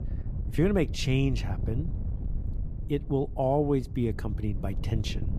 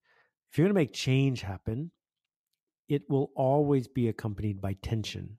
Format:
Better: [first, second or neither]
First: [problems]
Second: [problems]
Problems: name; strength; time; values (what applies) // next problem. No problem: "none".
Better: second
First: wind noise on the microphone; occasional gusts; 15 dB below the speech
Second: none